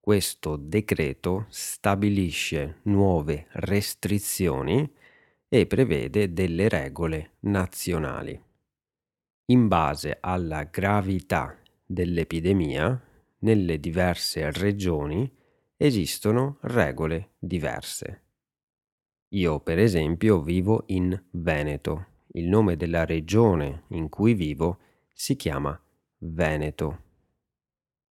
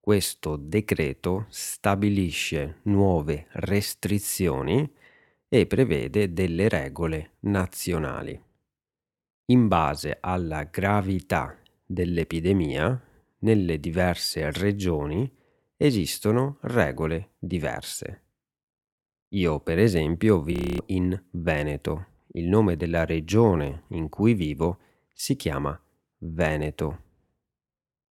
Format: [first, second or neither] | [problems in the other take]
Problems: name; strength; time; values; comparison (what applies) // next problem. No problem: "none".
first | audio freezing; at 21 s